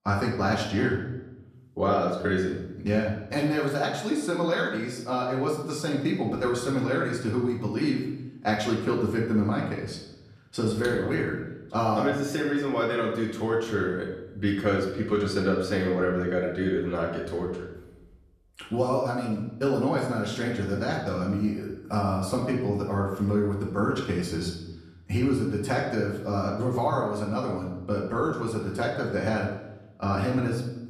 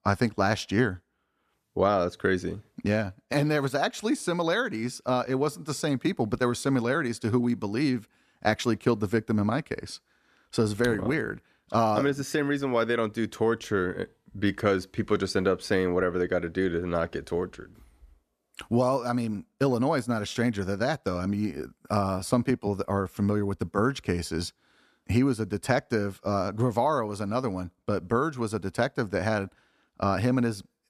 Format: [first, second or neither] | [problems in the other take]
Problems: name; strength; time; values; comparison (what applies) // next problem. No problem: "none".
second | off-mic speech; far // room echo; noticeable; dies away in 0.8 s